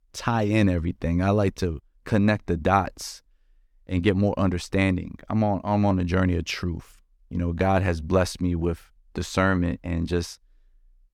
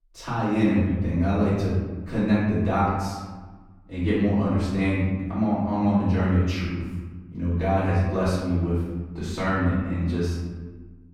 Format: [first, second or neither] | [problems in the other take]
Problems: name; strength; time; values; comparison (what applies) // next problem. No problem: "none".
first | room echo; strong; dies away in 1.4 s // off-mic speech; far